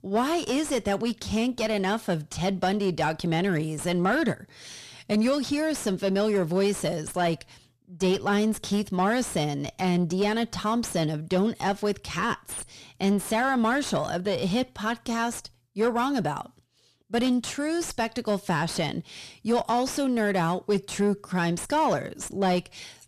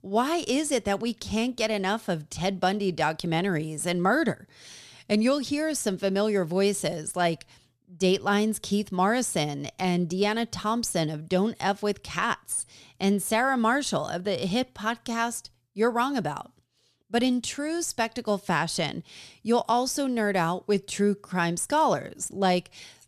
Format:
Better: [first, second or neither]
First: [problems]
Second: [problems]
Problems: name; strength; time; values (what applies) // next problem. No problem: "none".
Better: second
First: distortion; slight; 10 dB below the speech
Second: none